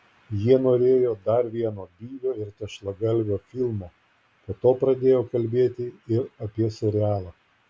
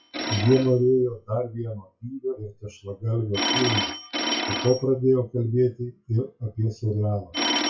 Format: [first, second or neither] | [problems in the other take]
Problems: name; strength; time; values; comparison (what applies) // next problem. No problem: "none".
first | noise reduction (classical method WPE with log-MMSE)